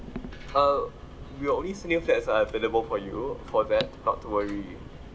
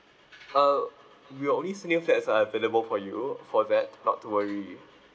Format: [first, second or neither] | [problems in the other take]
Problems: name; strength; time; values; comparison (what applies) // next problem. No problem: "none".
second | background sound (Clock); 13 dB below the speech